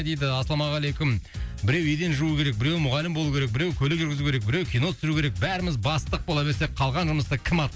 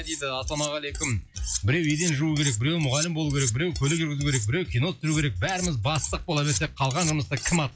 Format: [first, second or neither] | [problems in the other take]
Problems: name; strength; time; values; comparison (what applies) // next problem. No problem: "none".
first | noise reduction (classical method log-MMSE)